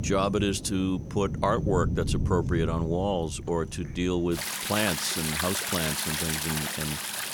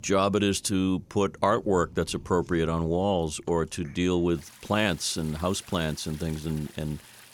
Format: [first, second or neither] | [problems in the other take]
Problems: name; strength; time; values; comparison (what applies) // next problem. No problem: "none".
second | rain or running water; loud; throughout; 2 dB below the speech; faint in the second